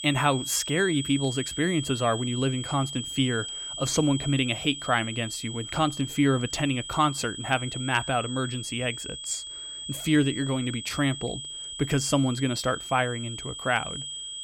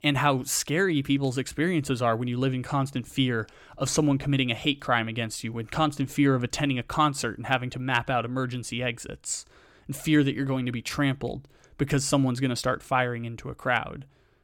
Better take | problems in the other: second | high-pitched whine; loud; throughout; 3 kHz, 8 dB below the speech

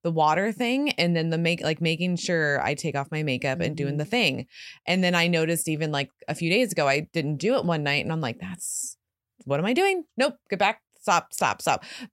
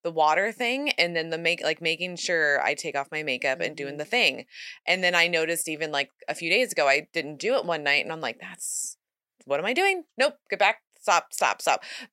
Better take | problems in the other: first | thin; somewhat; fading below 350 Hz

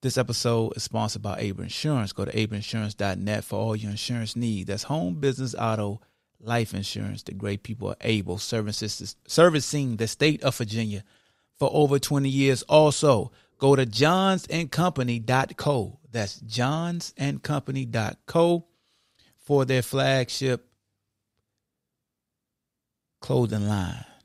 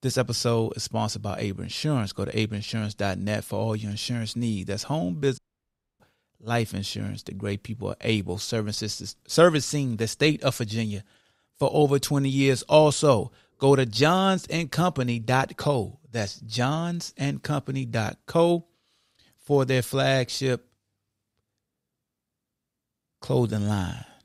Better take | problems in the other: first | audio cutting out; at 5.5 s for 0.5 s

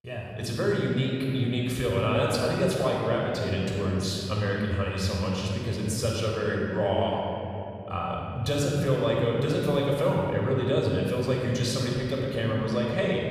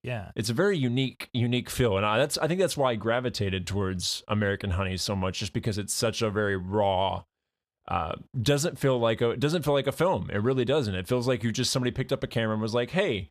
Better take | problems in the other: second | room echo; strong; dies away in 3 s // off-mic speech; somewhat distant

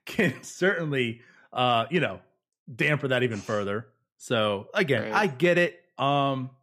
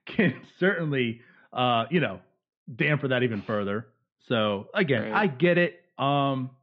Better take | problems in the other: first | muffled; slightly; fading above 4 kHz

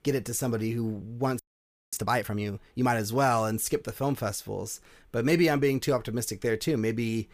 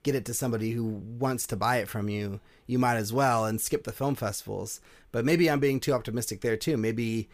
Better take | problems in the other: second | audio freezing; at 1.5 s for 0.5 s

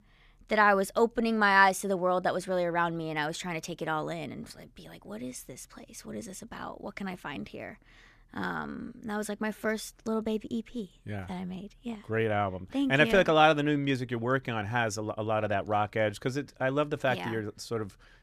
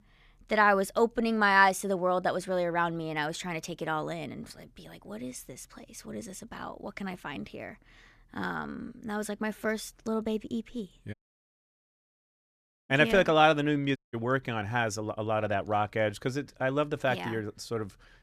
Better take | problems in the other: first | audio cutting out; at 11 s for 2 s and at 14 s

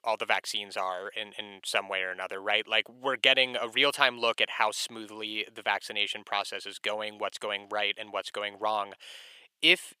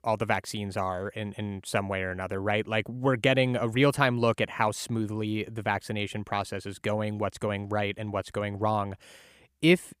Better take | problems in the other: second | thin; very; fading below 550 Hz

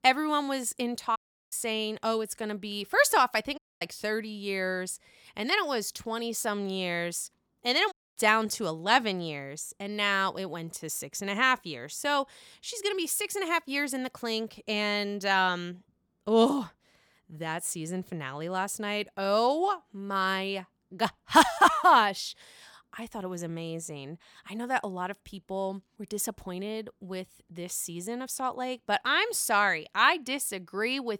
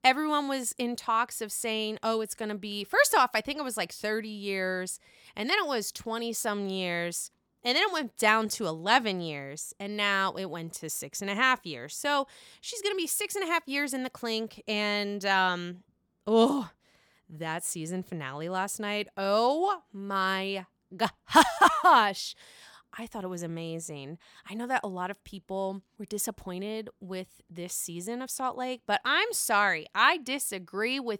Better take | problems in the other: second | audio cutting out; at 1 s, at 3.5 s and at 8 s

